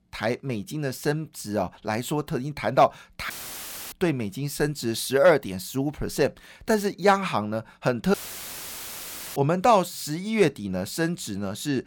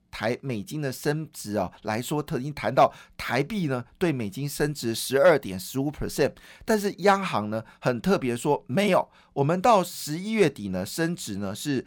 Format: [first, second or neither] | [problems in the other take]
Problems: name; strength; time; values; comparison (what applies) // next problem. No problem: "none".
second | audio cutting out; filled with static; at 3.5 s for 0.5 s and at 8 s for 1 s